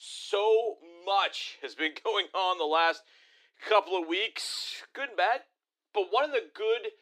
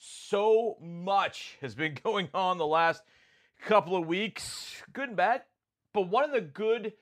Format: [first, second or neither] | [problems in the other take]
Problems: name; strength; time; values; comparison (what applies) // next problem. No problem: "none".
second | thin; very; fading below 300 Hz